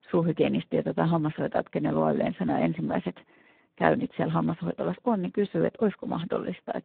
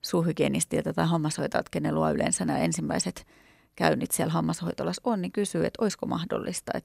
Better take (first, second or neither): second